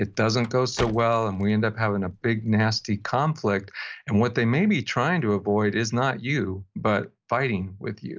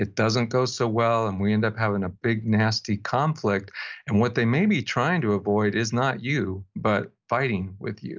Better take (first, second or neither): second